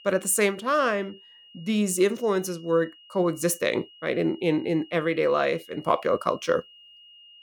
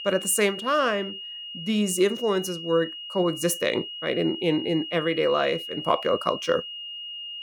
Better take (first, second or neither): first